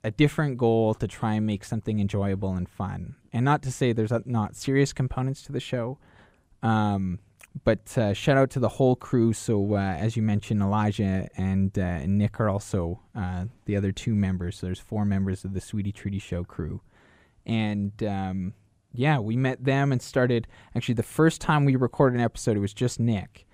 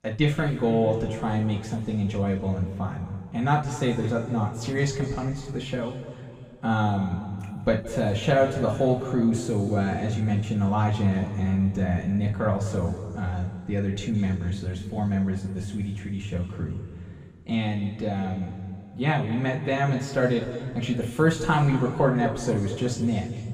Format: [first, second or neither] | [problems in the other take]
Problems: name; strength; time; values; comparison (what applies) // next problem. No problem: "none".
first | room echo; noticeable; dies away in 2.1 s // off-mic speech; far